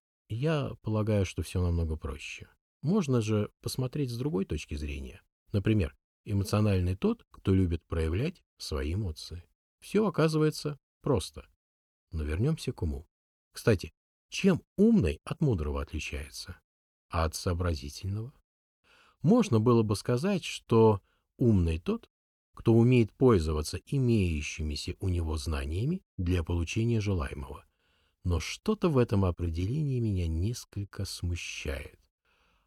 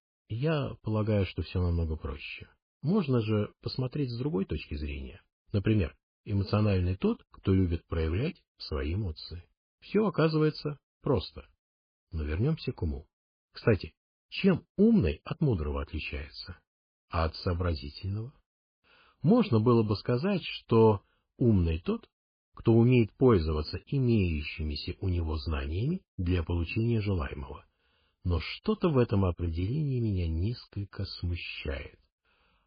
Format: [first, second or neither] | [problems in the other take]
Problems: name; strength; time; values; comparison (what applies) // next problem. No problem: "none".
first | garbled, watery; badly; nothing above 5 kHz